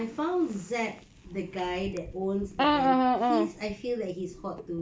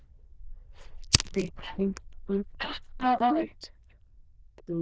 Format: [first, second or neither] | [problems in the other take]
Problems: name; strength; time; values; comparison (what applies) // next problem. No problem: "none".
first | noise reduction (neural diffusion model UNIVERSE++)